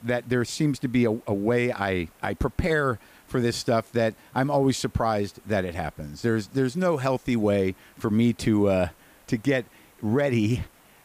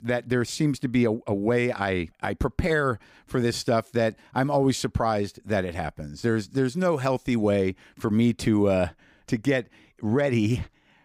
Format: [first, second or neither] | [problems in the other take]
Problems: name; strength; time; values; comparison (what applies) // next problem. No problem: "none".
second | hiss; faint; throughout; 30 dB below the speech